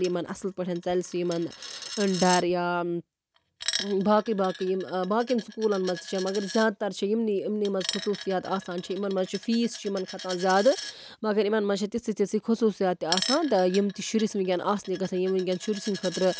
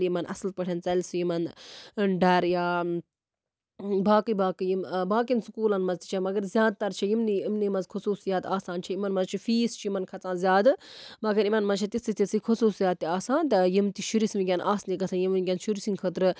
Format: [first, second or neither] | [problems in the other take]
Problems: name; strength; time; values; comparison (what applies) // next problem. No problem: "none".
second | background sound (Coin (dropping)); 13 dB below the speech